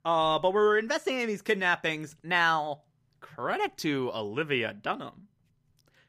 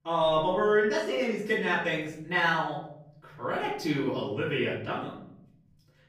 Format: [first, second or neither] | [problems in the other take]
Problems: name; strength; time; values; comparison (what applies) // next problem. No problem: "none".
first | off-mic speech; far // room echo; noticeable; dies away in 0.9 s